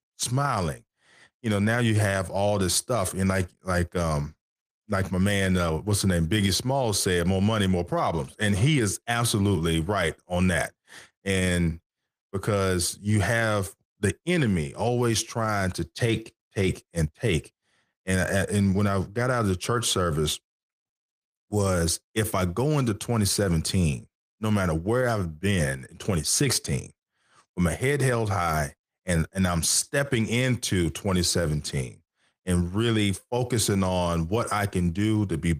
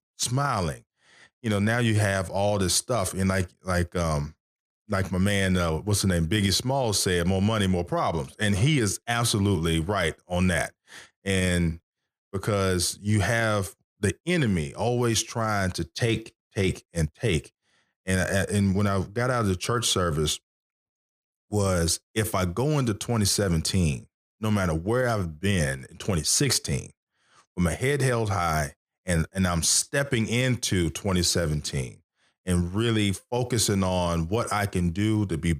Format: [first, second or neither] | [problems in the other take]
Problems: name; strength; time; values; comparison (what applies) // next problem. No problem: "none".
second | garbled, watery; slightly; nothing above 15 kHz